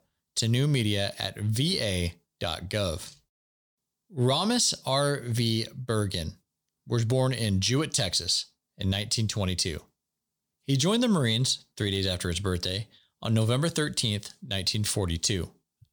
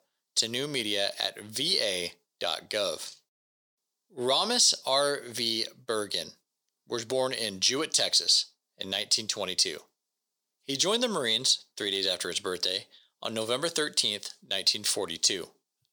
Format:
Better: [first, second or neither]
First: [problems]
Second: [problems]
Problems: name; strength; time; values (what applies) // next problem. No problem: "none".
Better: first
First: none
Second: thin; somewhat; fading below 450 Hz